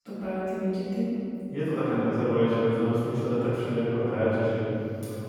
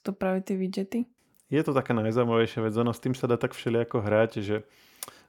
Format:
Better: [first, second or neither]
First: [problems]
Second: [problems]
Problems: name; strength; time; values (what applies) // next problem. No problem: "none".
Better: second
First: off-mic speech; far // room echo; strong; dies away in 3 s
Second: none